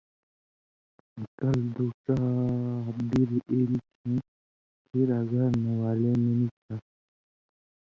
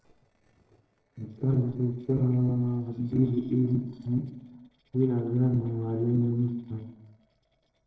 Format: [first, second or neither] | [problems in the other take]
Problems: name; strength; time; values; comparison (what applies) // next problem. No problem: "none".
first | noise reduction (neural separator model SepFormer DNS4)